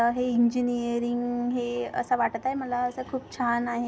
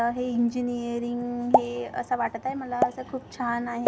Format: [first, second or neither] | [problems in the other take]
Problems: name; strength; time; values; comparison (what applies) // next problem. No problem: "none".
first | background sound (Explosion); 2 dB below the speech